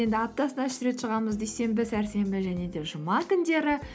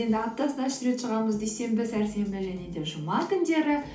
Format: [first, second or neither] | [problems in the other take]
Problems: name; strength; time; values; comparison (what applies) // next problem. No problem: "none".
first | room echo; dies away in 0.4 s